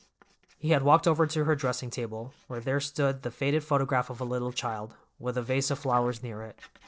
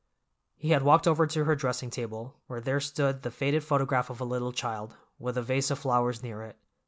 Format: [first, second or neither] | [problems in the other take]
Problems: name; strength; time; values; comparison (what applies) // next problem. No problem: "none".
second | noise reduction (neural separator model SepFormer DNS4)